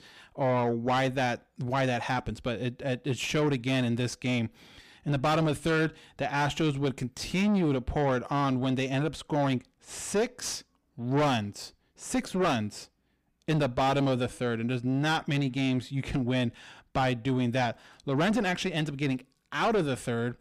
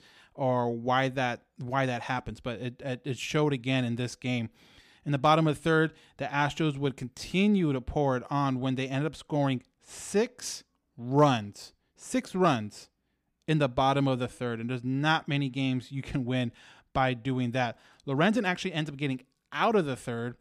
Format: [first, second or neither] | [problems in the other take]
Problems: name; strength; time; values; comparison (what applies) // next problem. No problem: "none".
second | distortion; heavy; 7 dB below the speech